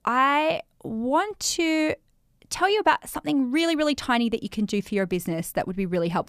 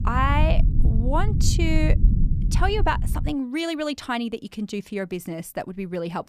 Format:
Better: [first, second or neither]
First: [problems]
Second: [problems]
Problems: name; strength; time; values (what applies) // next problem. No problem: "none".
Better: first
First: none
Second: low rumble; noticeable; until 3.5 s; 10 dB below the speech